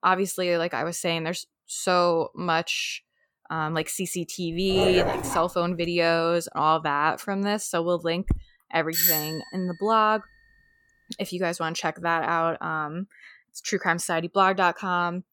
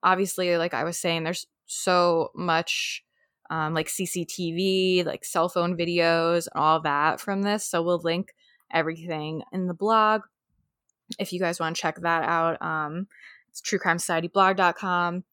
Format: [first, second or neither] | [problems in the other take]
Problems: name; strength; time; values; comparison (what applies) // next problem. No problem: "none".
second | dog barking; loud; at 4.5 s; peak 1 dB above the speech // footsteps; noticeable; at 8.5 s; peak 7 dB below the speech // doorbell; loud; at 9 s; peak 5 dB above the speech